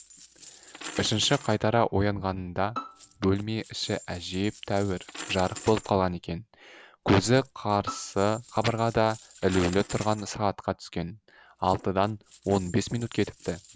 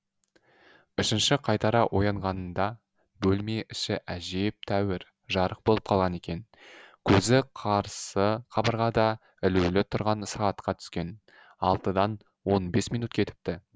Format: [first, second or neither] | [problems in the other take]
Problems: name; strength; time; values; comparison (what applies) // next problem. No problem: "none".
second | background sound (Bowed string instrument + Coin (dropping)); 17 dB below the speech